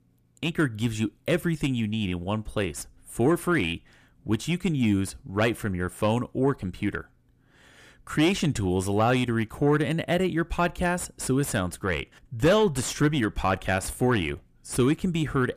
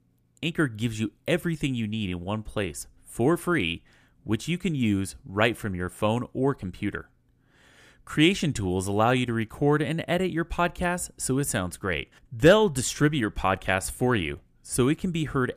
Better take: second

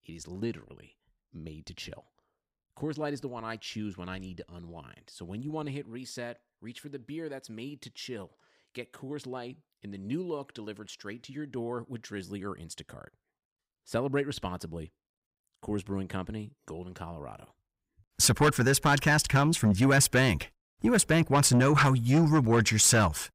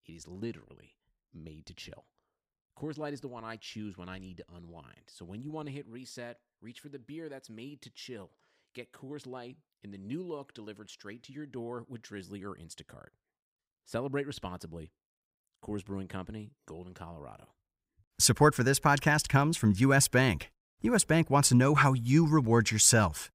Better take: second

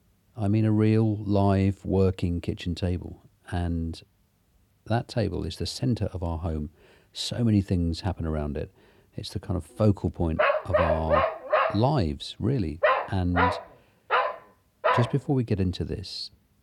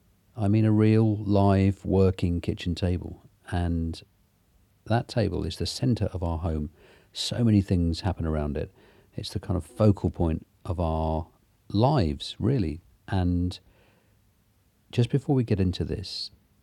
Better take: second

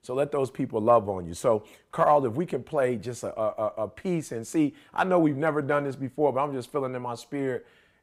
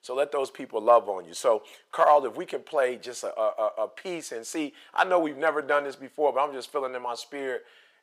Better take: first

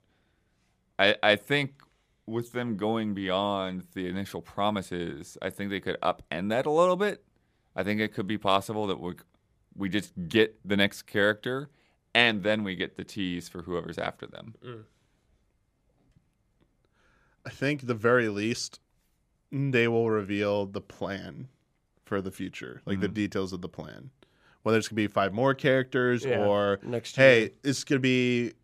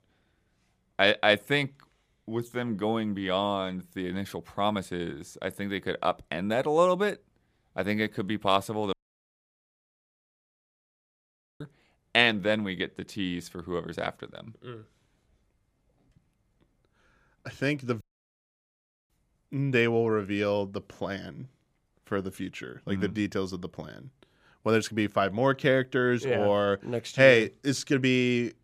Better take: first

